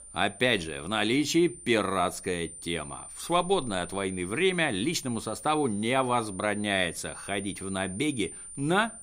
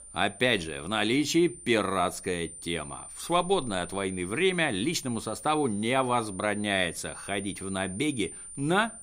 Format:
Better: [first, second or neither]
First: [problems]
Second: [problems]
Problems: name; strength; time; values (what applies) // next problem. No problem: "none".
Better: neither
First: high-pitched whine; noticeable; throughout; 9 kHz, 15 dB below the speech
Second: high-pitched whine; noticeable; throughout; 9 kHz, 15 dB below the speech